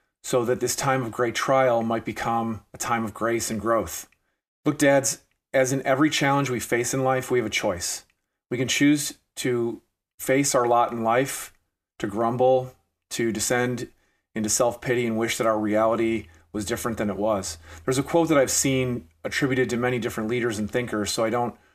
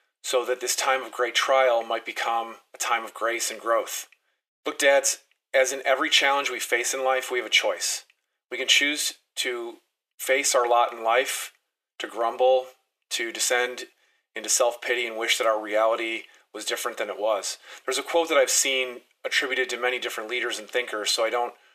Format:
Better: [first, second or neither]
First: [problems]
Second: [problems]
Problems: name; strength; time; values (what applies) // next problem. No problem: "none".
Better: first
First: none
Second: thin; very; fading below 450 Hz